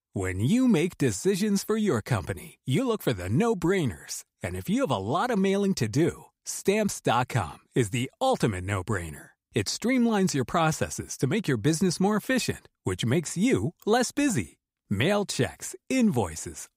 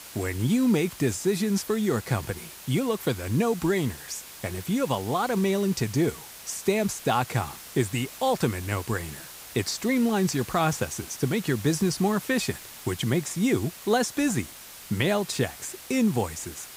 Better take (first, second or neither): first